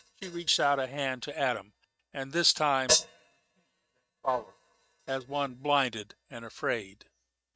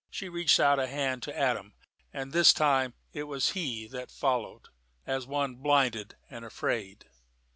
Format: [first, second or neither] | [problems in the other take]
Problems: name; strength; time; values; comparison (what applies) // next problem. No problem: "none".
second | noise reduction (neural mask model RNNoise)